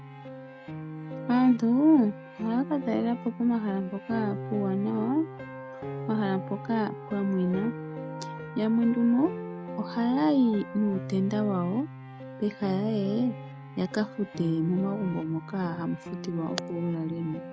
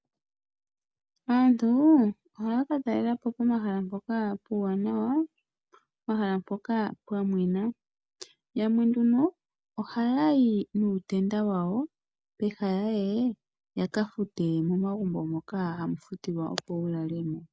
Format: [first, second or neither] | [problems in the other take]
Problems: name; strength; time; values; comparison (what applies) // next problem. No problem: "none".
second | background sound (Piano); 10 dB below the speech